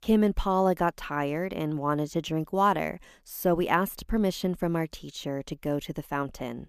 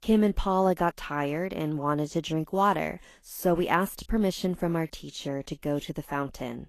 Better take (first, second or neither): first